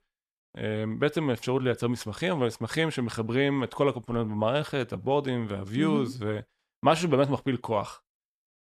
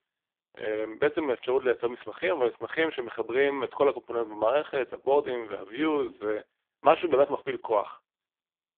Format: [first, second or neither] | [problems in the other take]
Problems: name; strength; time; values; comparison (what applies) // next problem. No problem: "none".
first | phone-call audio; poor line